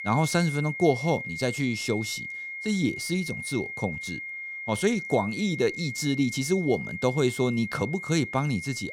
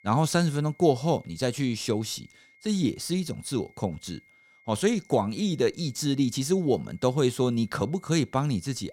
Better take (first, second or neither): second